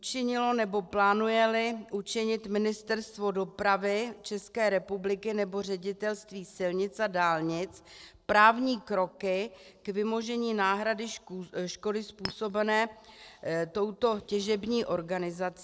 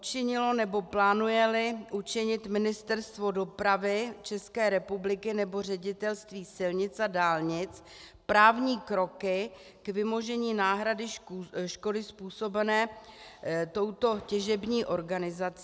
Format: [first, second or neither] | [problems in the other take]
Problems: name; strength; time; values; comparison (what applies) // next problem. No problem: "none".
second | noise reduction (neural separator model SepFormer DNS4)